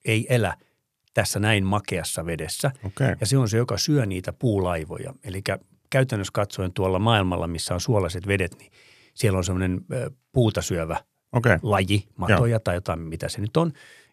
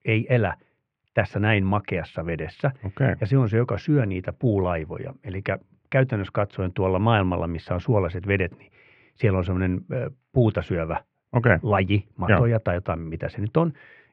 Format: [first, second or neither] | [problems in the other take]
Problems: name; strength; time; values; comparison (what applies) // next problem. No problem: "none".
first | muffled; very; fading above 2.5 kHz